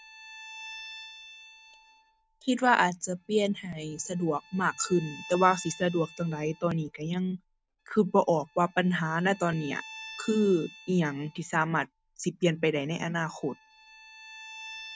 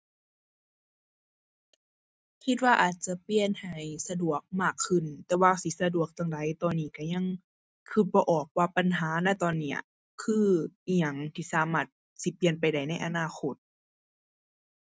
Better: second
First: background sound (Bowed string instrument); 19 dB below the speech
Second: none

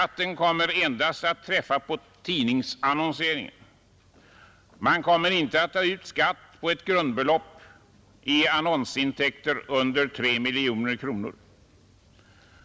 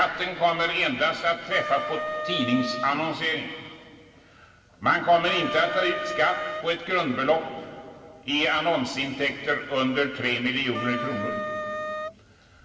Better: first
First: none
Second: background sound (Wind instrument, woodwind instrument); 5 dB below the speech // room echo; dies away in 2.5 s

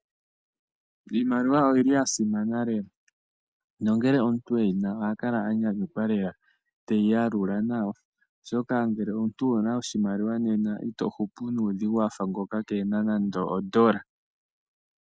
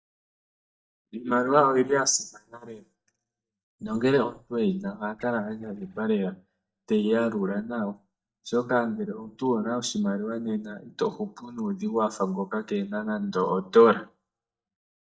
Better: first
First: none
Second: noise reduction (neural mask model DeepFilterNet 3)

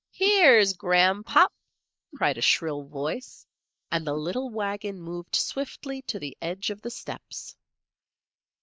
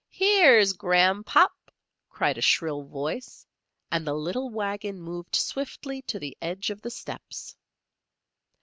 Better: second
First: noise reduction (neural mask model Resemble Enhance denoiser)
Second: none

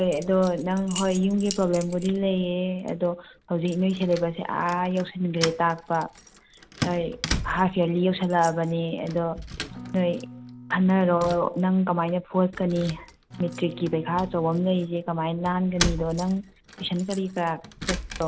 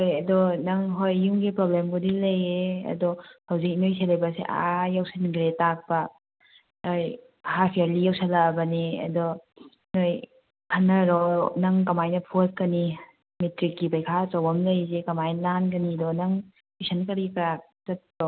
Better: second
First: background sound (Keys jangling + Acoustic guitar / Strum); 12 dB below the speech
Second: none

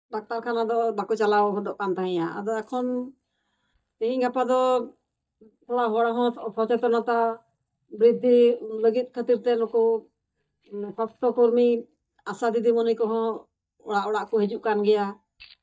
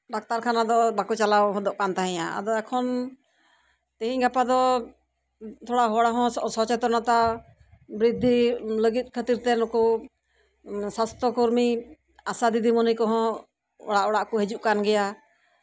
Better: second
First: noise reduction (neural mask model DeepFilterNet 3)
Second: none

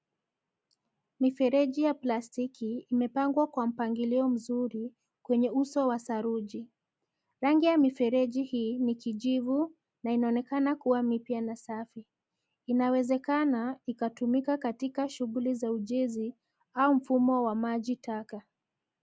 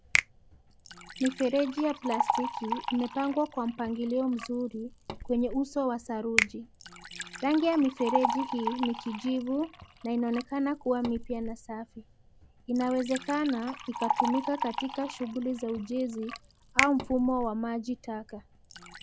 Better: first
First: none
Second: background sound (Finger snapping + Liquid); 5 dB below the speech

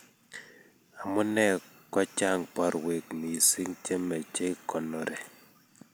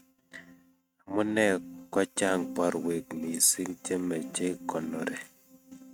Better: first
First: none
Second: noise reduction (neural mask model RNNoise)

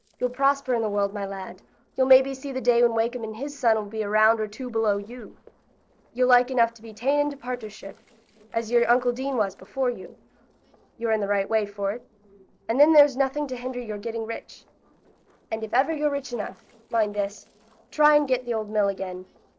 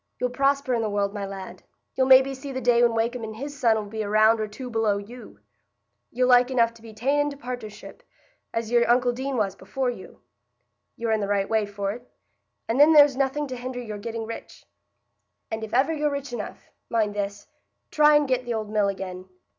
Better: second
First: noise reduction (neural separator model SepFormer DNS4)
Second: none

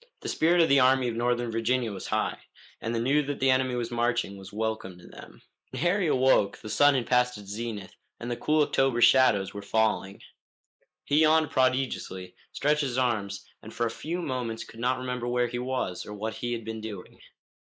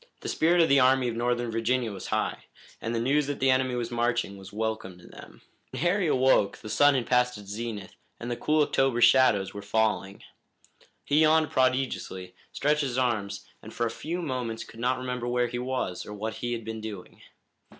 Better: second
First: noise reduction (neural mask model Resemble Enhance denoiser)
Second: none

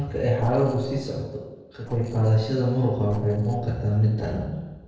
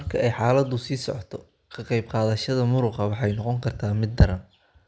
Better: second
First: noise reduction (neural separator model SepFormer DNS4)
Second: none

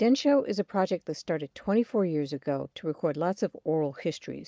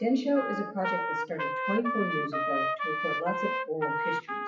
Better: first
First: none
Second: noise reduction (classical method WPE with log-MMSE)

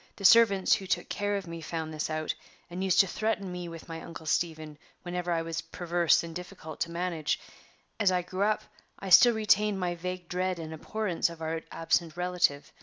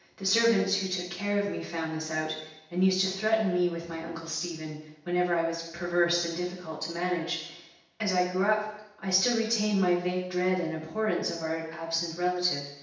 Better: first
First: none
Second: room echo; dies away in 0.9 s

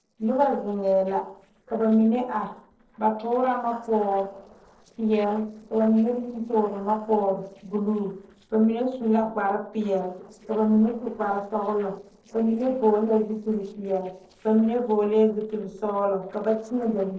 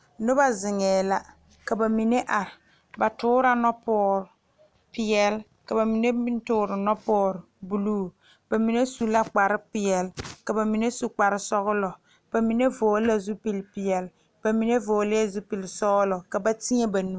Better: second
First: noise reduction (neural separator model SepFormer DNS4)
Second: none

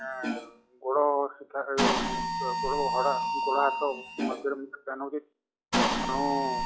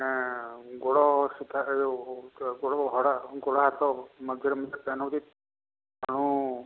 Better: second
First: noise reduction (classical method log-MMSE)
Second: none

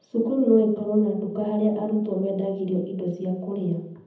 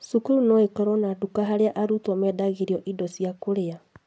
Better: second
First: room echo; dies away in 0.8 s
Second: none

